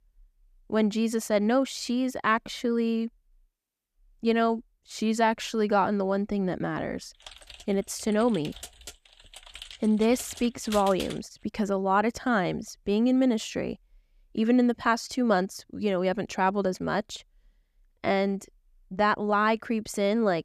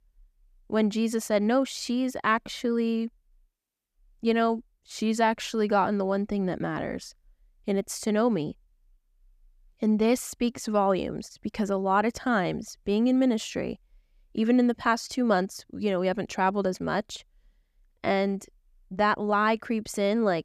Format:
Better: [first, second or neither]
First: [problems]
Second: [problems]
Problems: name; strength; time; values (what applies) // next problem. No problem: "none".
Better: second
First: keyboard typing; noticeable; from 7.5 to 11 s; peak 10 dB below the speech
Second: none